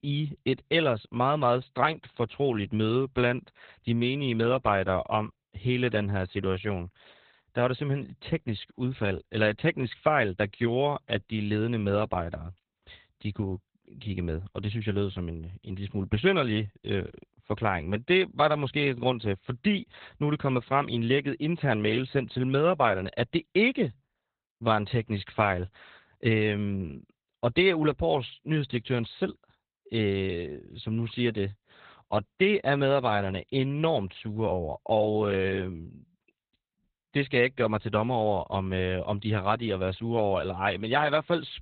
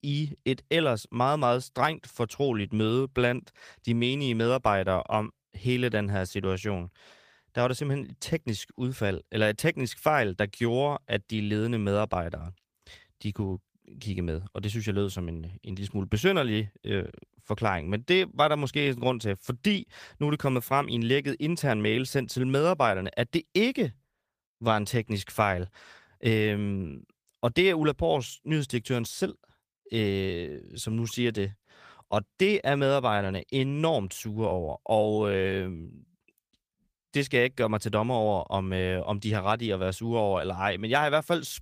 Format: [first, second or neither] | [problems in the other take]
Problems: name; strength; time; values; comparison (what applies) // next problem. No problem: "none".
second | garbled, watery; badly; nothing above 4 kHz; slightly in the second